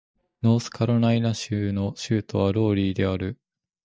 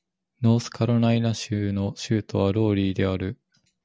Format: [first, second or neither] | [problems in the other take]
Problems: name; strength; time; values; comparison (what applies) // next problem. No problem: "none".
second | noise reduction (neural mask model DeepFilterNet 3)